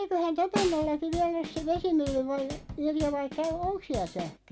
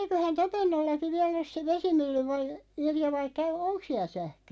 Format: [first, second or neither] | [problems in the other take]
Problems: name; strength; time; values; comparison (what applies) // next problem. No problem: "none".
second | background sound (Drum kit + Snare drum); 10 dB below the speech